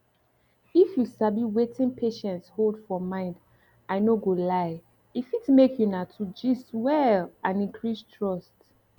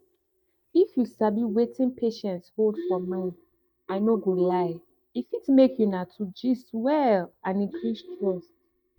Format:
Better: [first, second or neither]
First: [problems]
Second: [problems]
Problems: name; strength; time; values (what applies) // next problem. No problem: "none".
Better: first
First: none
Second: noise reduction (neural mask model DeepFilterNet 3)